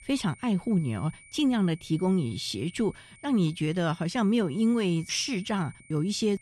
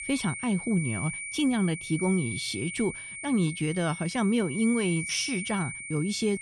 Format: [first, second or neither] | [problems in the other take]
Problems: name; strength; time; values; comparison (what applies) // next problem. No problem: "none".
first | high-pitched whine; loud; throughout; 2.5 kHz, 7 dB below the speech; faint in the first